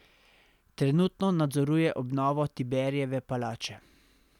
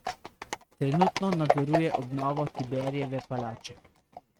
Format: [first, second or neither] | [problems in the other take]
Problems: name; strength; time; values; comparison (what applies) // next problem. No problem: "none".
first | noise reduction (neural mask model RNNoise)